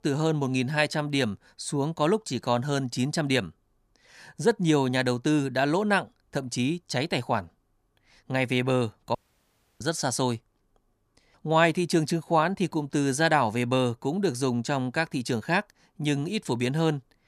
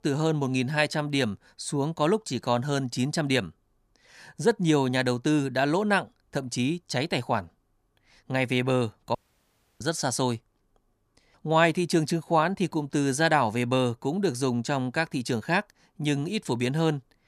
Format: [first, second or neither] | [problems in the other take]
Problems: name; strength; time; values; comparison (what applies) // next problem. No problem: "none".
neither | audio cutting out; at 9 s for 0.5 s; the same in both